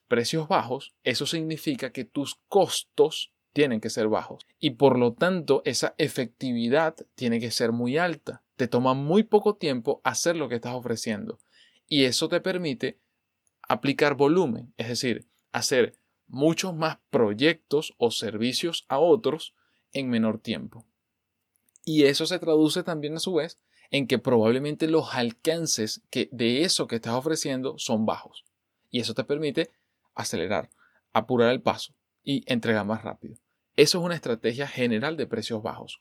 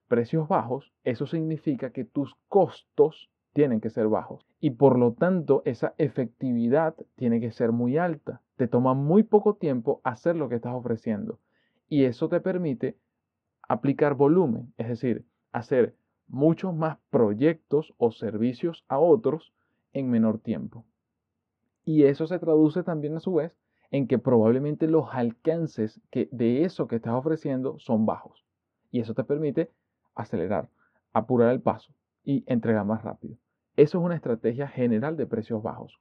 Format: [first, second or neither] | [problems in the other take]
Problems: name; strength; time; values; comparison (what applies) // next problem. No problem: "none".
first | muffled; very; fading above 1 kHz